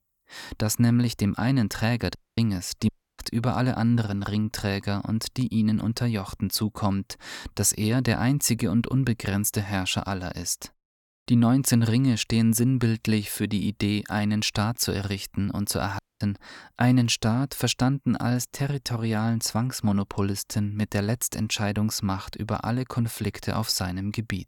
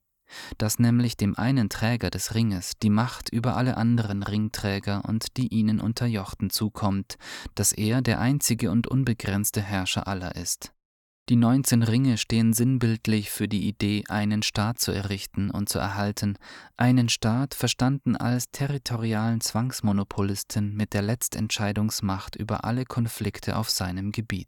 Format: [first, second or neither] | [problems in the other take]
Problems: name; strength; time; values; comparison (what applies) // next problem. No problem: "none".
second | audio cutting out; at 2 s, at 3 s and at 16 s